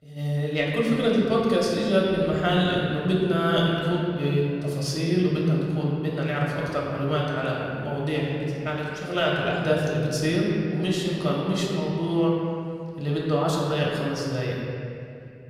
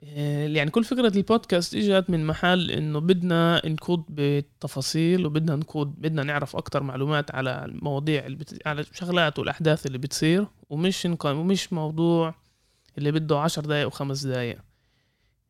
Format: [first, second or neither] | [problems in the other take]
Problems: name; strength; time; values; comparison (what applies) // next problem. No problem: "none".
second | room echo; noticeable; dies away in 2.3 s // off-mic speech; far